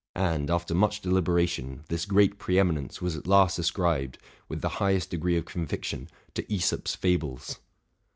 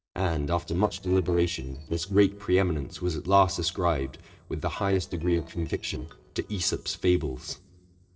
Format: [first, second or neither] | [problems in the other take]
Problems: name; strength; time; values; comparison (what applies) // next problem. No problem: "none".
first | noise reduction (neural separator model SepFormer DNS4)